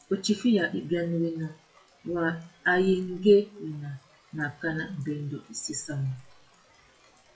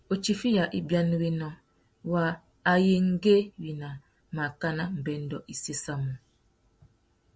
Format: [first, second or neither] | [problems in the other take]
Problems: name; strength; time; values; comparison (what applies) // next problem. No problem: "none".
second | noise reduction (classical method WPE with log-MMSE)